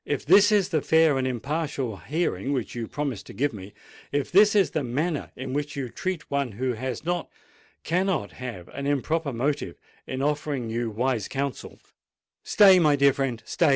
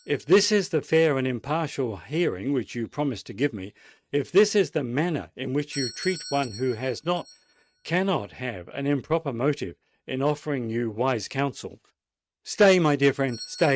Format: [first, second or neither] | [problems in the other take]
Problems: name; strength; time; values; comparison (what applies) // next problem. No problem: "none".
first | noise reduction (neural mask model RNNoise)